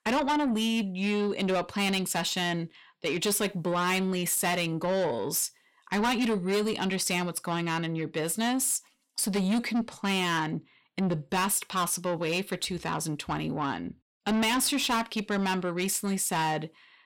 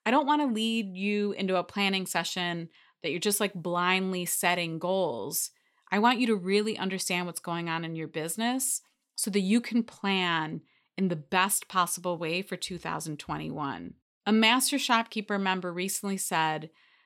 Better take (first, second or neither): second